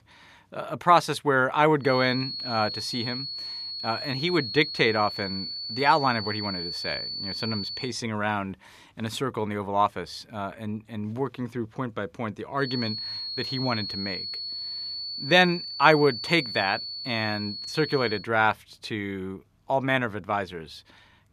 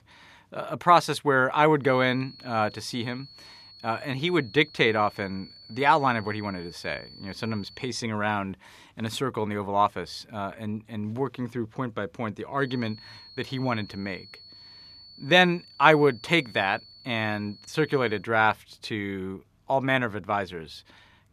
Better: second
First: high-pitched whine; loud; from 2 to 8 s and from 13 to 18 s; 4.5 kHz, 6 dB below the speech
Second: high-pitched whine; faint; from 2 to 8 s and from 13 to 18 s; 4.5 kHz, 20 dB below the speech

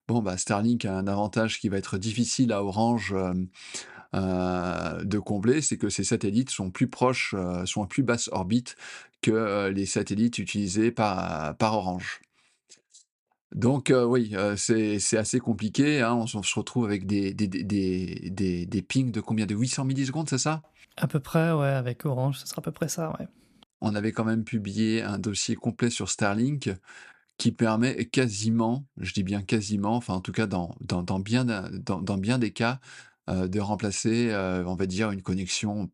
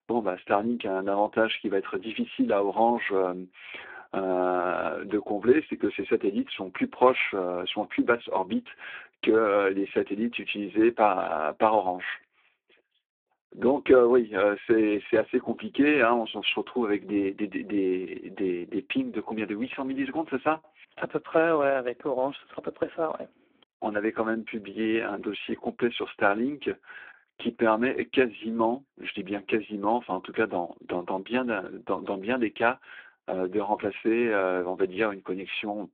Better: first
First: none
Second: phone-call audio; poor line

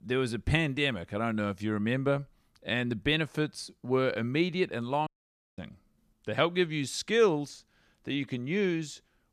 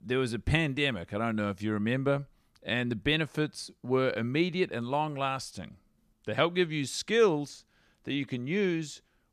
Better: second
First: audio cutting out; at 5 s for 0.5 s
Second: none

